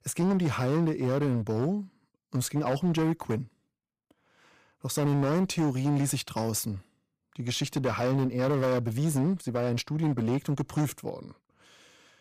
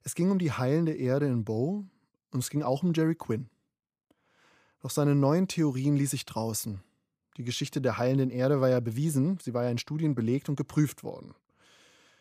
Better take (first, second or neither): second